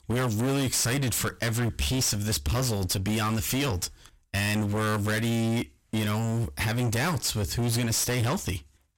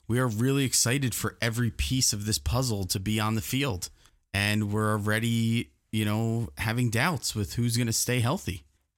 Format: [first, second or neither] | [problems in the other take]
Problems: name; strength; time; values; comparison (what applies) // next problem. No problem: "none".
second | distortion; heavy; 32% of the sound clipped